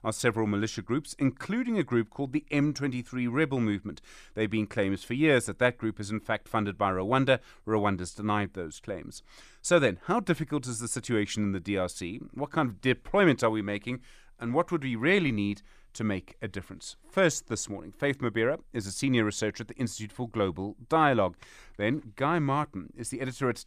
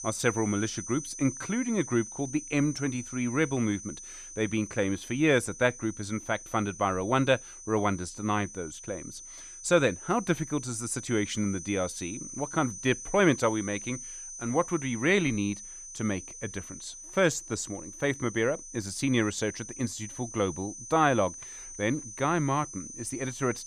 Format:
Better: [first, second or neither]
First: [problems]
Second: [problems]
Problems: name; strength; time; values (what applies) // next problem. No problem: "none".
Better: first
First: none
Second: high-pitched whine; noticeable; throughout; 6 kHz, 10 dB below the speech